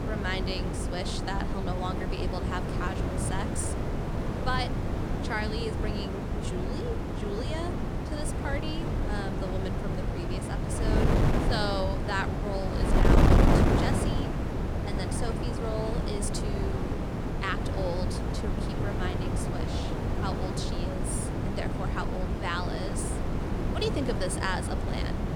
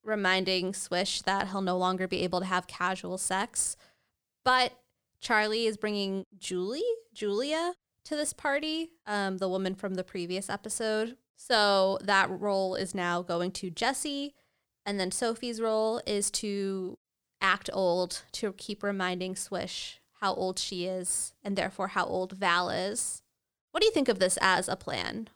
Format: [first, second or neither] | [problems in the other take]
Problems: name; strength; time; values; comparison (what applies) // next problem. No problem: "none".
second | wind noise on the microphone; heavy; 1 dB above the speech